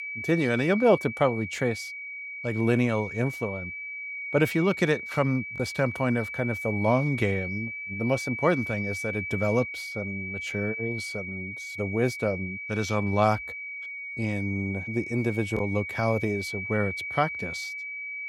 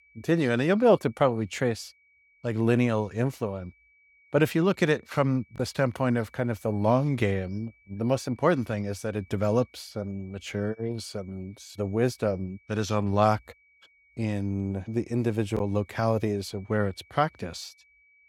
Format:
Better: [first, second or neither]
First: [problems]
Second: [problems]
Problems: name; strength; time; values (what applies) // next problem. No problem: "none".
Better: second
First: high-pitched whine; loud; throughout; 2.5 kHz, 6 dB below the speech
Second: high-pitched whine; faint; throughout; 2.5 kHz, 30 dB below the speech